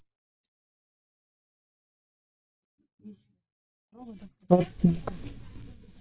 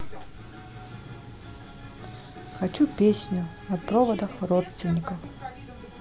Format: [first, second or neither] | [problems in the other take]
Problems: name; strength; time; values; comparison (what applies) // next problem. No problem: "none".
second | noise reduction (neural mask model DeepFilterNet 3)